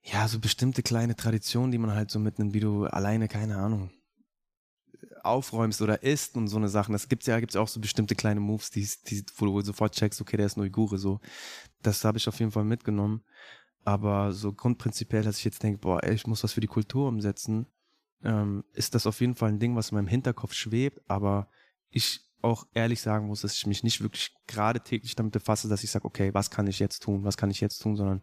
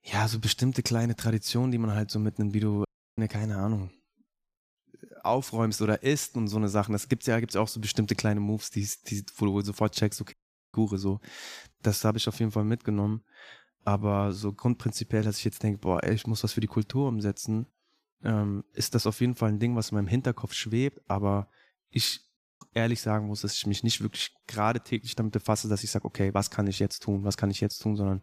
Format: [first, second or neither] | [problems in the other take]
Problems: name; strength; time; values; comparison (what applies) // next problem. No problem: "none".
first | audio cutting out; at 3 s, at 10 s and at 22 s